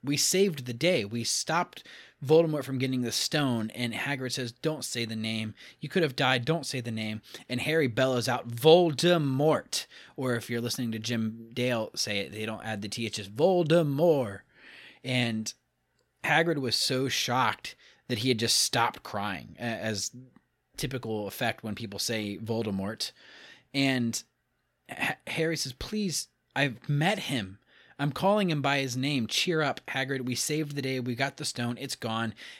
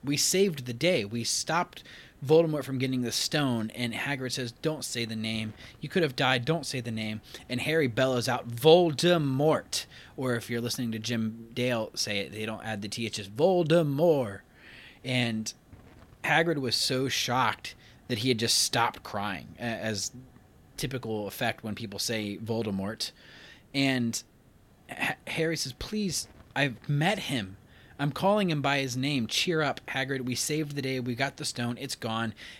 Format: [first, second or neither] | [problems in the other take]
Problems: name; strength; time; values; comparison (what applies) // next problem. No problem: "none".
first | hiss; faint; throughout; 30 dB below the speech